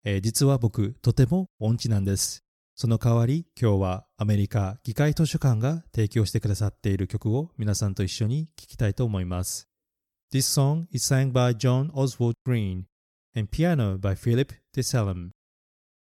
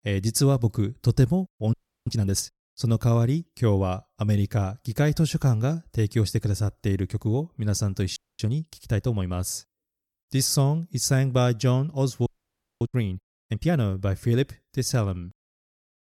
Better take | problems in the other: first | audio freezing; at 1.5 s, at 8 s and at 12 s for 0.5 s

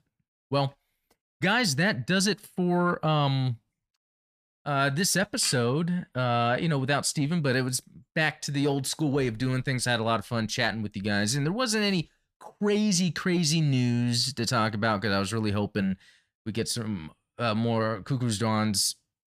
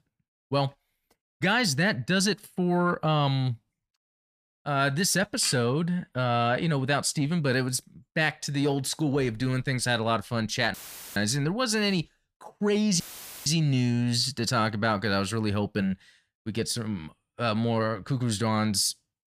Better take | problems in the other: first | audio cutting out; filled with static; at 11 s and at 13 s

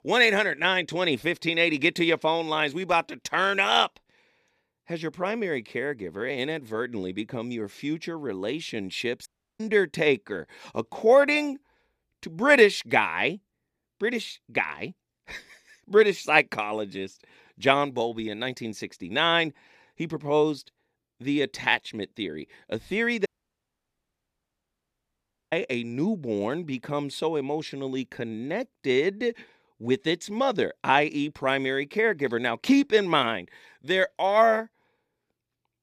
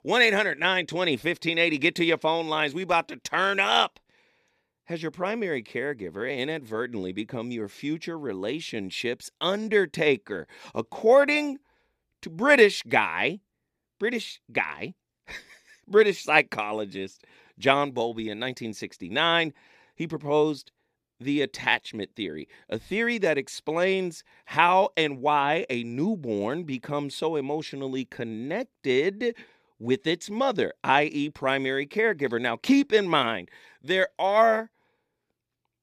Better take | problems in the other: second | audio cutting out; at 9.5 s and at 23 s for 2.5 s

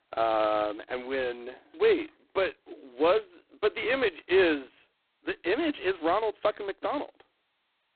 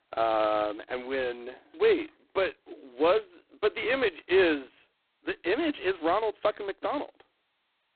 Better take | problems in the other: neither | phone-call audio; poor line; nothing above 4 kHz; the same in both

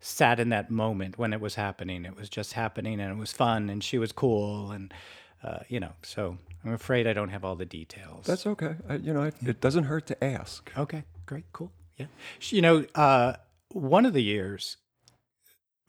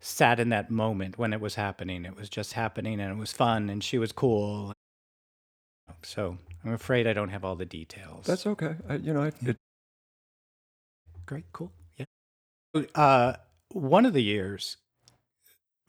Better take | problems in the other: first | audio cutting out; at 4.5 s for 1 s, at 9.5 s for 1.5 s and at 12 s for 0.5 s

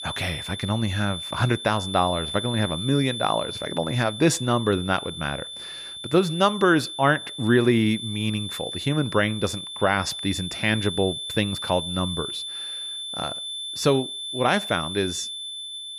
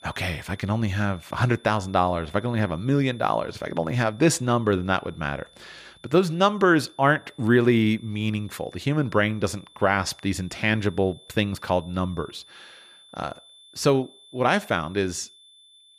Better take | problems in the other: second | high-pitched whine; loud; throughout; 3.5 kHz, 7 dB below the speech; faint in the second

